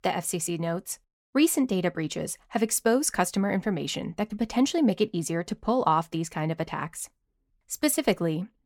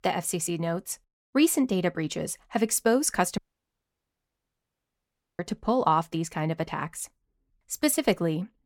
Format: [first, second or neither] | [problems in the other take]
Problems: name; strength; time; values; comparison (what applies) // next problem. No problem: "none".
first | audio cutting out; at 3.5 s for 2 s